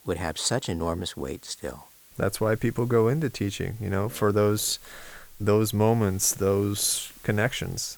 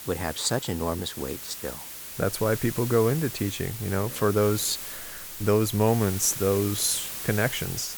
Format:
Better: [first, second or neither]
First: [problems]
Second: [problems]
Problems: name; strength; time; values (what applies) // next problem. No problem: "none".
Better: first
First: hiss; faint; throughout; 25 dB below the speech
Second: hiss; loud; throughout; 8 dB below the speech